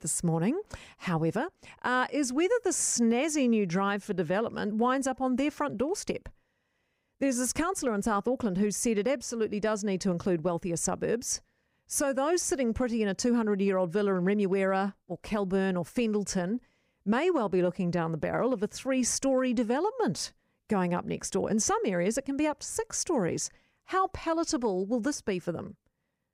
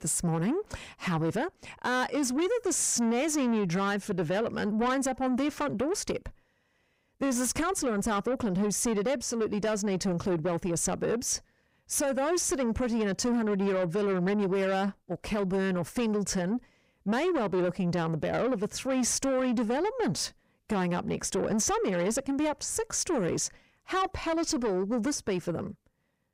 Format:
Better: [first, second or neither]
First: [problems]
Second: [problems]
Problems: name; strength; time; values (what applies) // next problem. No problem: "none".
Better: first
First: none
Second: distortion; slight; 10 dB below the speech